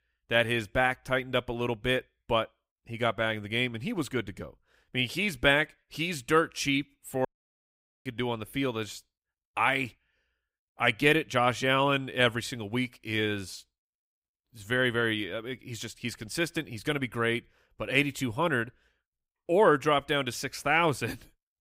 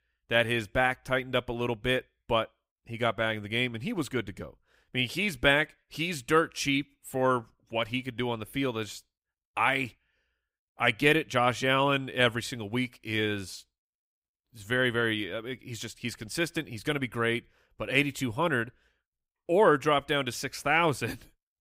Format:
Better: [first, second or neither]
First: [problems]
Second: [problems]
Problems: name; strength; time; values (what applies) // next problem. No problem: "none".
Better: second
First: audio cutting out; at 7.5 s for 1 s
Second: none